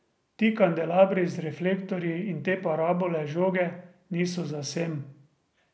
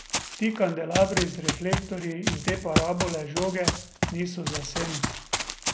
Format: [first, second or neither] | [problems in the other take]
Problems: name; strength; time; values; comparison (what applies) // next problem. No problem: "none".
first | background sound (Run); 1 dB below the speech